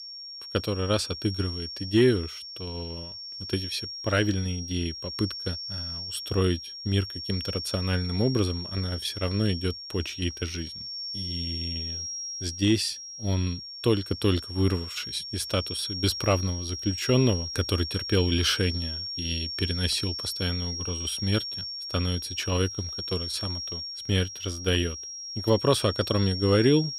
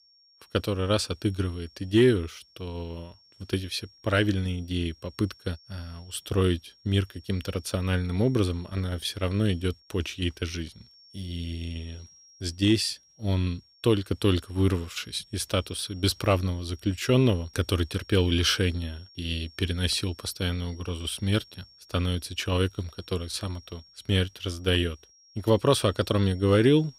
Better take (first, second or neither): second